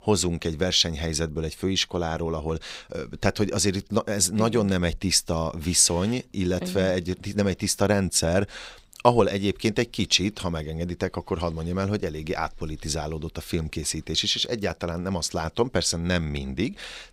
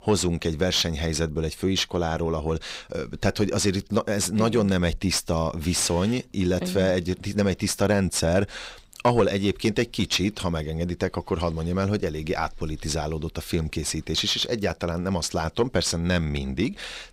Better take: first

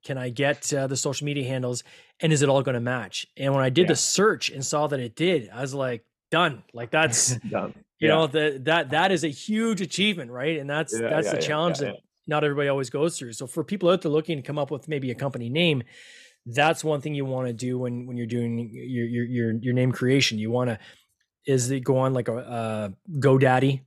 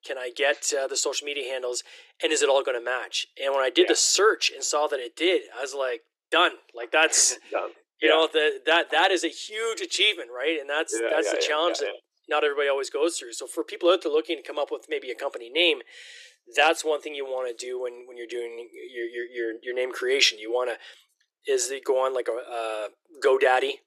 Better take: first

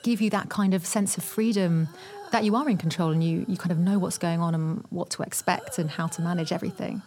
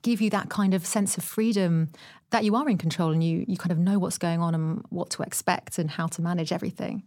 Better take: second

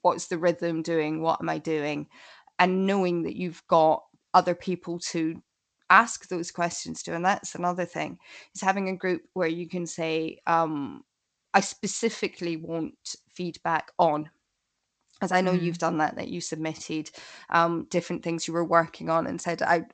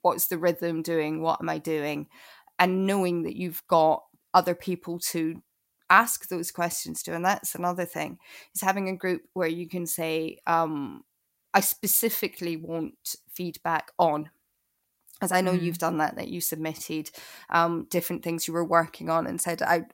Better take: second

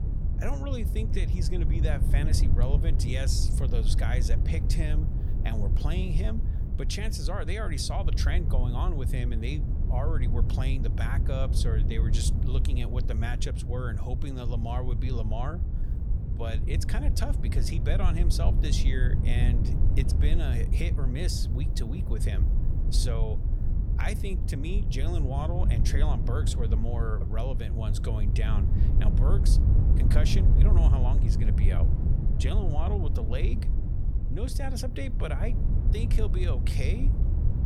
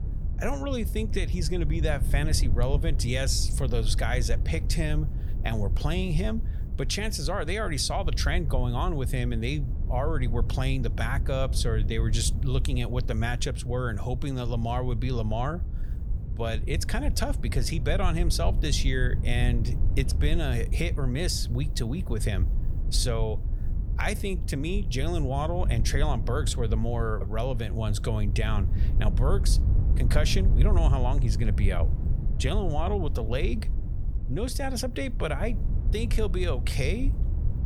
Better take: second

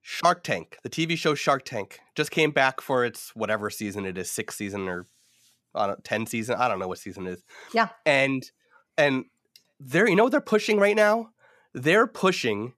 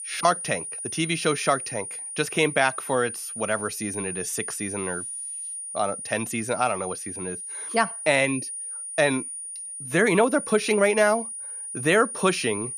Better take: first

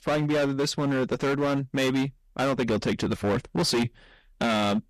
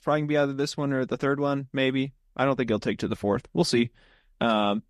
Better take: second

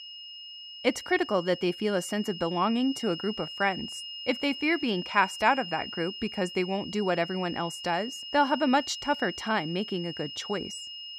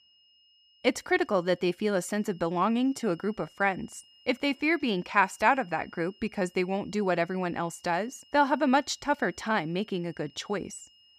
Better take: second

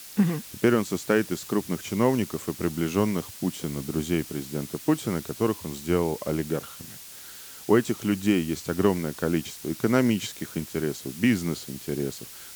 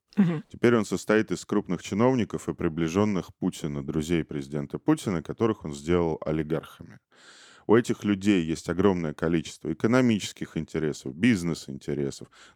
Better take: second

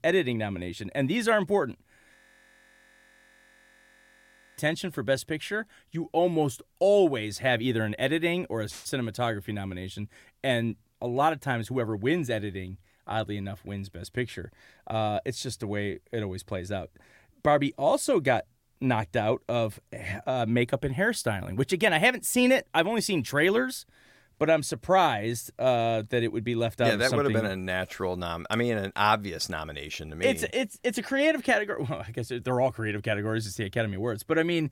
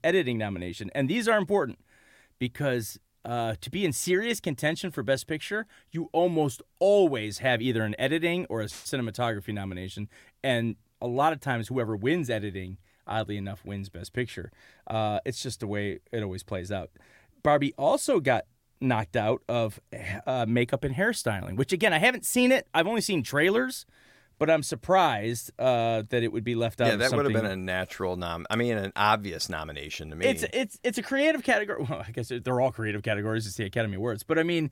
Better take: second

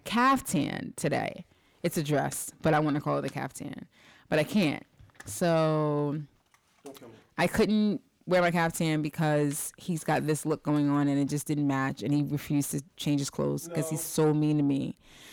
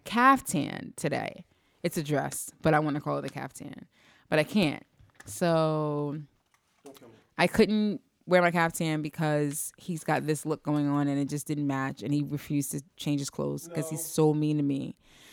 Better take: second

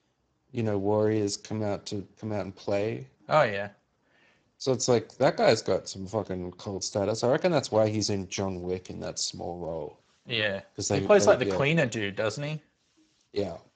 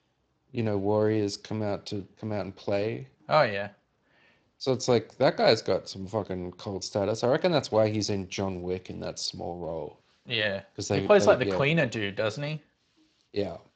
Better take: second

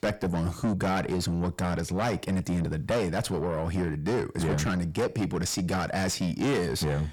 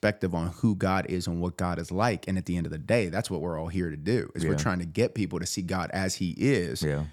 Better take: second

